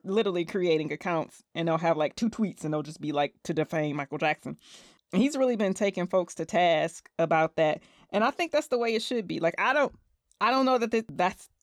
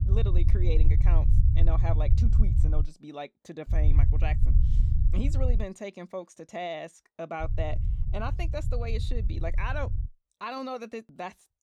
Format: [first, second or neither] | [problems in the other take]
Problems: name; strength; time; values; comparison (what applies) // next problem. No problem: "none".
first | low rumble; loud; until 3 s, from 3.5 to 5.5 s and from 7.5 to 10 s; 7 dB below the speech